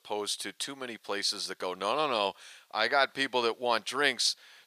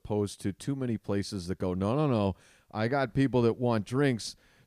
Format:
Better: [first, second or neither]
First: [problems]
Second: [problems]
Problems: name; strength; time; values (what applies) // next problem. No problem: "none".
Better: second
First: thin; very; fading below 850 Hz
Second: none